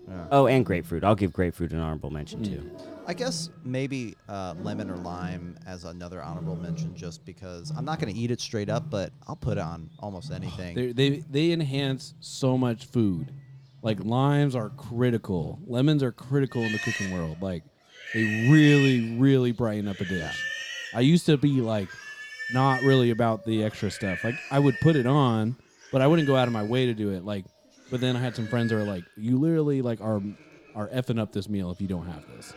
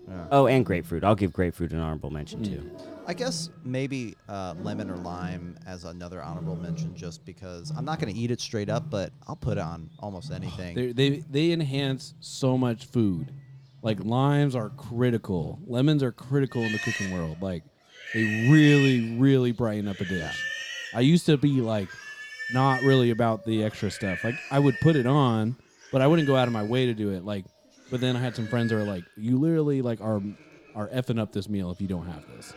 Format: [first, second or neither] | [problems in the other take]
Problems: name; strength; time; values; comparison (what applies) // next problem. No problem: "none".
neither | animal sounds; loud; throughout; 10 dB below the speech; the same in both